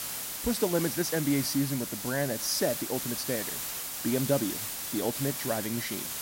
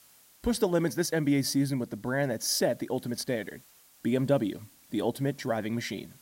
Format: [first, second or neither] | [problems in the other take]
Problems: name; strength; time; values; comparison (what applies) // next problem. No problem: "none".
second | hiss; loud; throughout; 2 dB below the speech; faint in the second